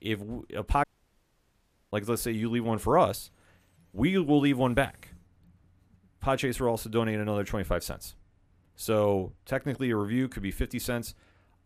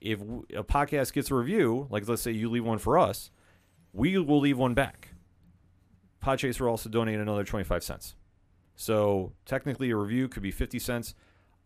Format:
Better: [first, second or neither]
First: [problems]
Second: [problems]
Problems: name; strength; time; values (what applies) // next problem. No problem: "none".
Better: second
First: audio cutting out; at 1 s for 1 s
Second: none